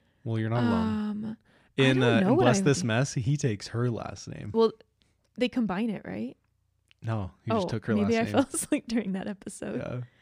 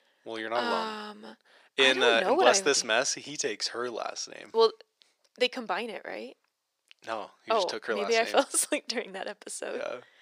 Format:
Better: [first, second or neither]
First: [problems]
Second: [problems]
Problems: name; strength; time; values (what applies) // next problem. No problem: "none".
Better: first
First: none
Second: thin; very; fading below 450 Hz